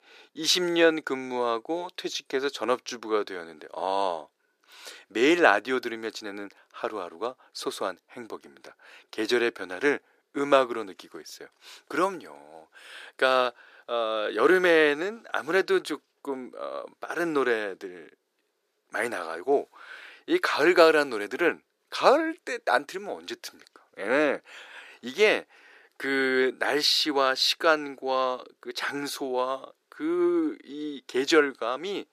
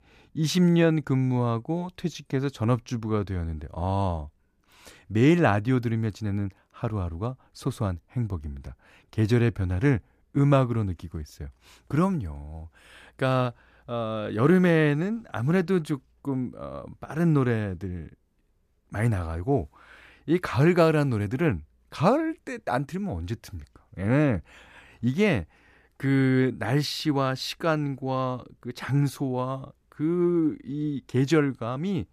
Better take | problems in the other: second | thin; very; fading below 400 Hz

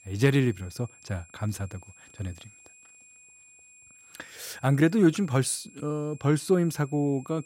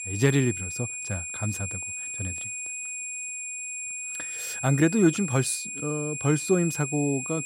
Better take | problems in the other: first | high-pitched whine; loud; throughout; 7.5 kHz, 6 dB below the speech; faint in the first

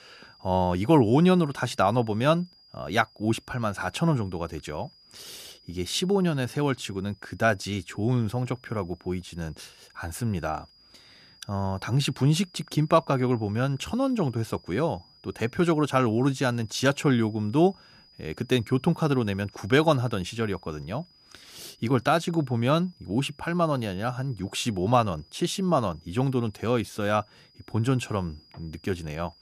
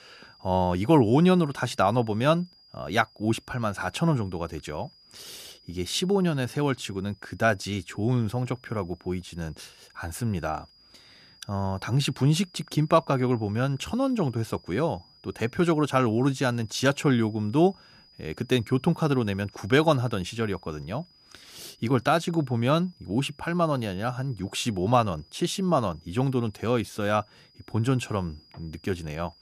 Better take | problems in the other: neither | high-pitched whine; faint; throughout; 5 kHz, 30 dB below the speech; the same in both

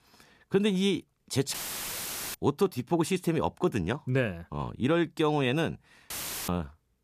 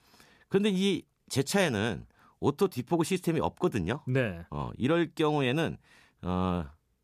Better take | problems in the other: second | audio cutting out; filled with static; at 1.5 s for 1 s and at 6 s

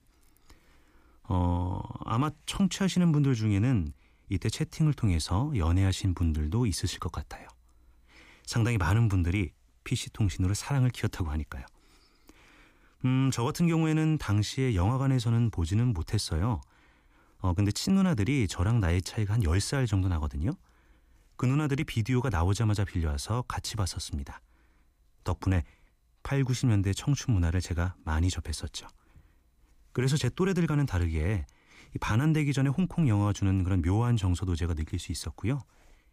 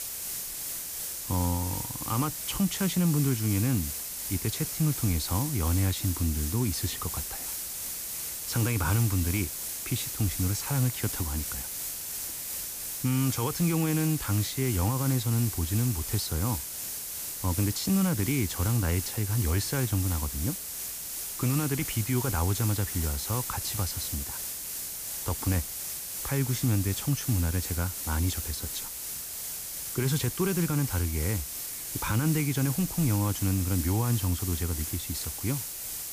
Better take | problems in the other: first | hiss; loud; throughout; 3 dB below the speech

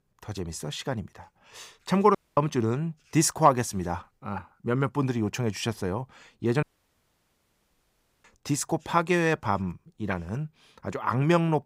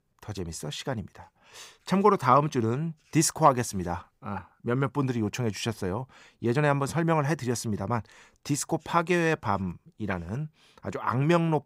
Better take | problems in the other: second | audio cutting out; at 2 s and at 6.5 s for 1.5 s

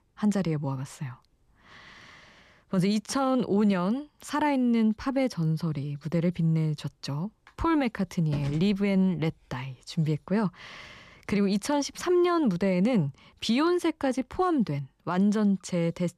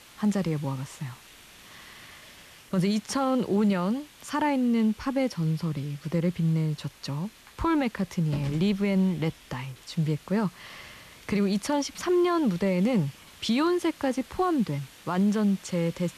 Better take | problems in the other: first | hiss; faint; throughout; 20 dB below the speech

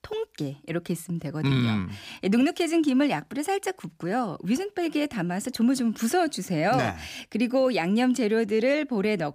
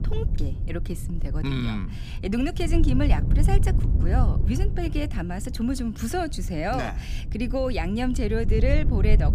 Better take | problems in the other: first | low rumble; noticeable; throughout; 10 dB below the speech

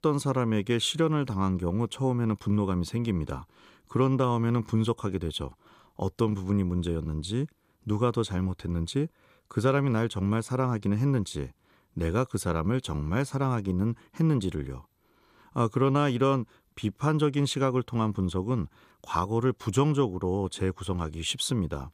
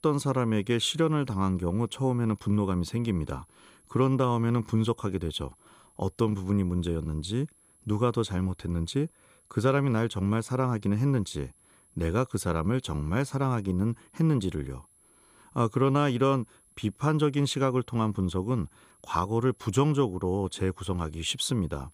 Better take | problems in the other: first | high-pitched whine; faint; throughout; 11 kHz, 30 dB below the speech

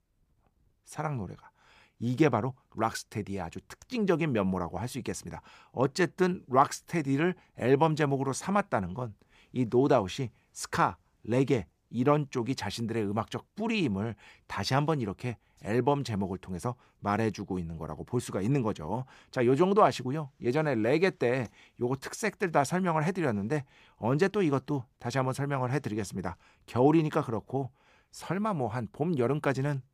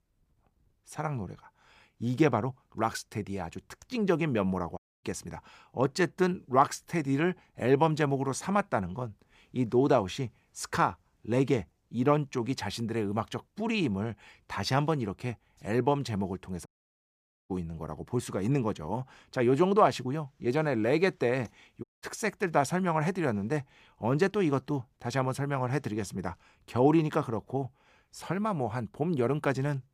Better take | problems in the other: first | audio cutting out; at 5 s, at 17 s for 1 s and at 22 s

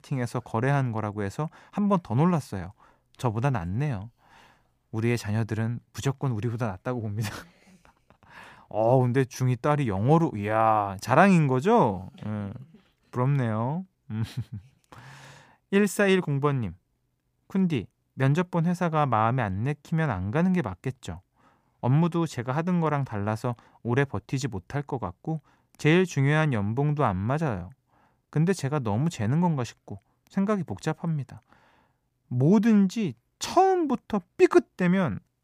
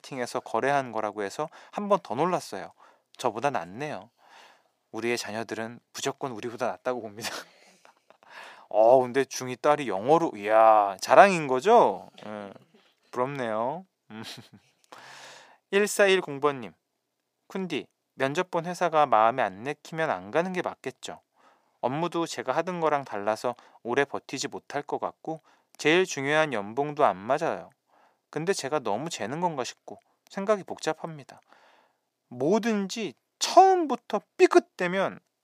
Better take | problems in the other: first | thin; very; fading below 400 Hz

